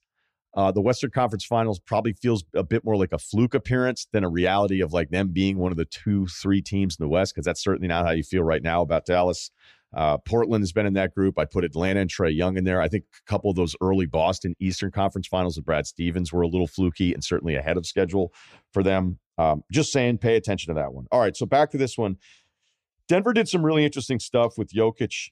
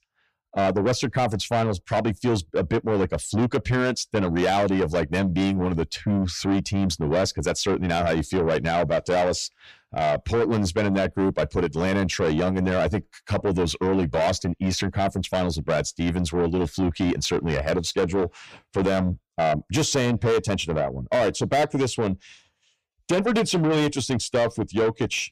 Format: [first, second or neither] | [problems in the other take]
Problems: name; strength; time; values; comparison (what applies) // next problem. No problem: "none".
first | distortion; heavy; 7 dB below the speech